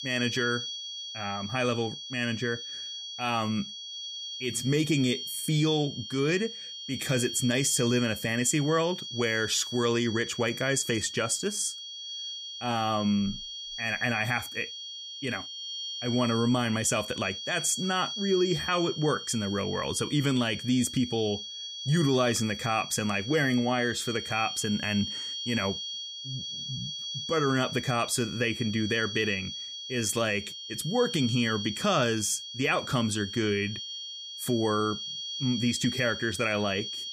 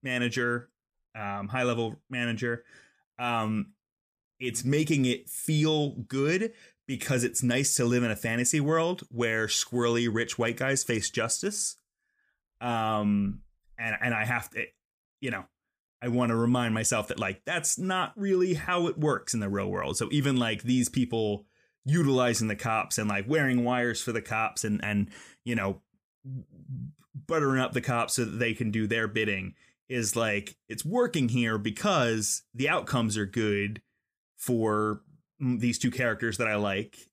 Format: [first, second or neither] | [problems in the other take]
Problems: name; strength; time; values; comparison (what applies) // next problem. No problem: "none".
second | high-pitched whine; loud; throughout; 3.5 kHz, 7 dB below the speech